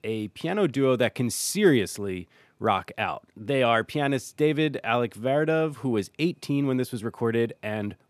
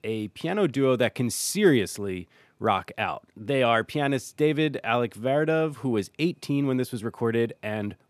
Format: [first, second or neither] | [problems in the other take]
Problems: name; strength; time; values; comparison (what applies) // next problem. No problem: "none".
neither | none